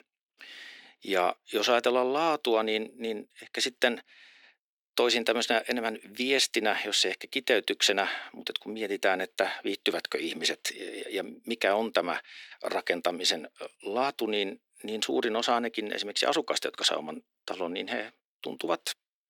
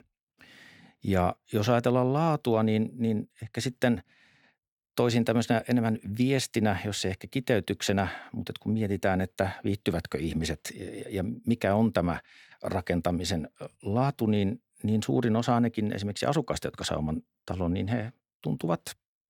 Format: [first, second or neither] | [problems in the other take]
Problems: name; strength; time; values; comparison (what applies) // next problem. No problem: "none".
second | thin; somewhat; fading below 350 Hz